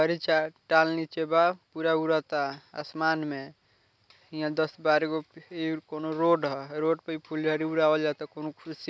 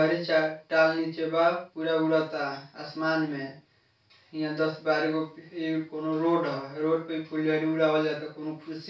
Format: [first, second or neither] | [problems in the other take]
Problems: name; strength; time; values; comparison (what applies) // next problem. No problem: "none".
first | room echo; dies away in 0.3 s